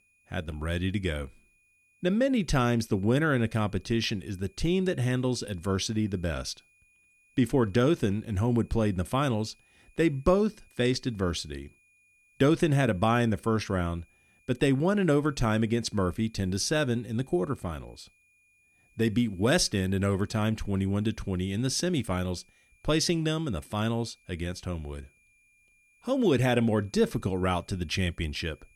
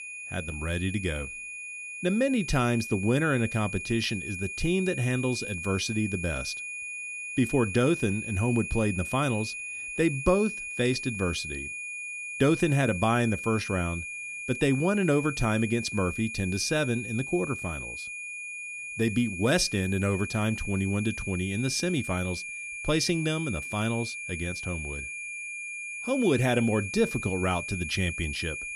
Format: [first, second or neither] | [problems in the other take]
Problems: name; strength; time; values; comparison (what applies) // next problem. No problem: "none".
first | high-pitched whine; loud; throughout; 2.5 kHz, 6 dB below the speech; faint in the first